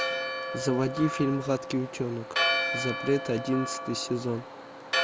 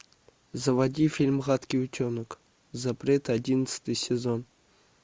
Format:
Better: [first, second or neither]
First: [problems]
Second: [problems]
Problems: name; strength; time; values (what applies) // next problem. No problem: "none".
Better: second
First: background sound (Church bell); 2 dB below the speech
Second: none